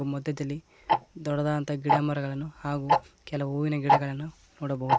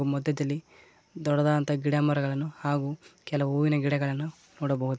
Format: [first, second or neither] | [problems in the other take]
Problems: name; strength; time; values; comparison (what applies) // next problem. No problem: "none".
second | background sound (Tick-tock); 1 dB above the speech